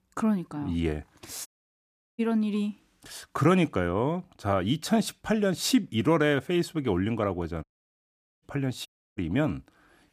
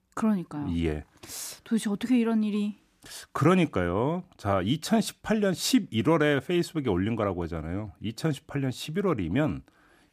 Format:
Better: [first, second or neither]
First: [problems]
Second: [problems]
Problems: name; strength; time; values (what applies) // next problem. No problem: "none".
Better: second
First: audio cutting out; at 1.5 s for 0.5 s, at 7.5 s for 1 s and at 9 s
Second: none